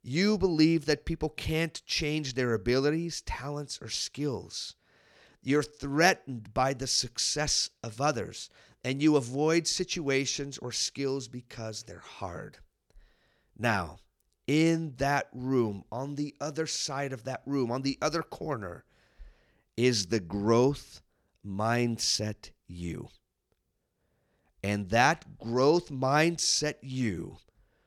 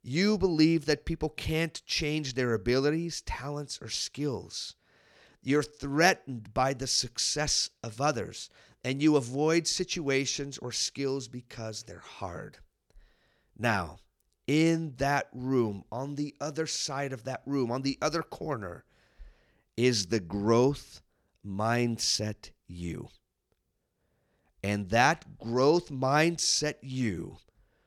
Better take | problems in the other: neither | none

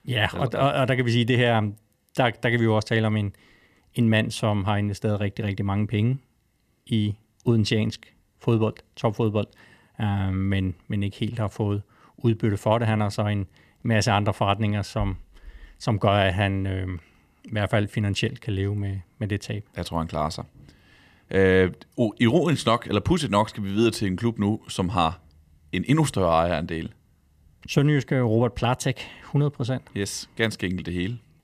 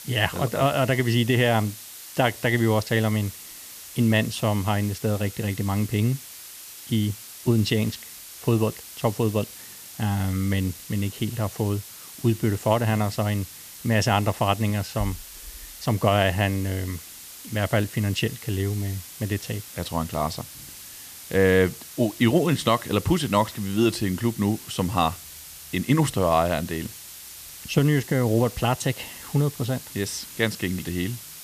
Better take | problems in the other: first | hiss; noticeable; throughout; 15 dB below the speech

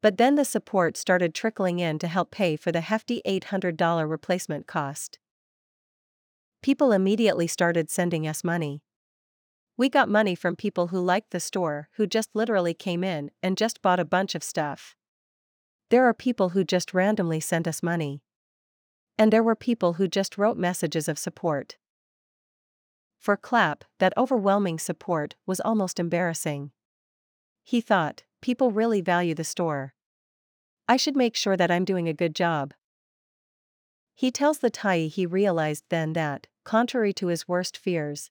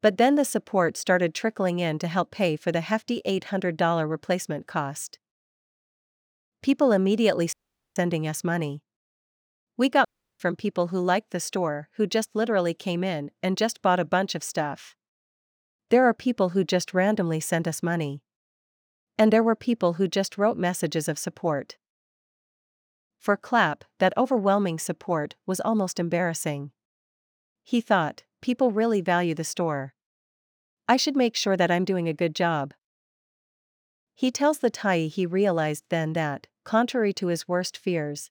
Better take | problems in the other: first | audio cutting out; at 7.5 s and at 10 s

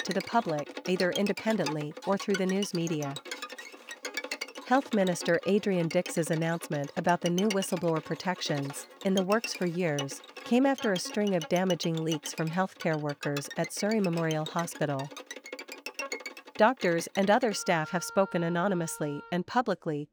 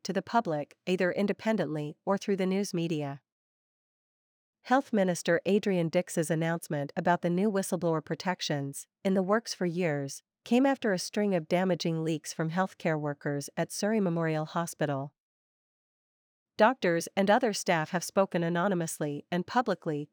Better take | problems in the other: second | background music; noticeable; throughout; 10 dB below the speech

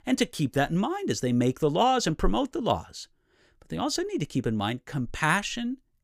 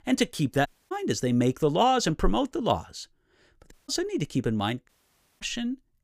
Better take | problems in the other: first | audio cutting out; at 0.5 s, at 3.5 s and at 5 s for 0.5 s

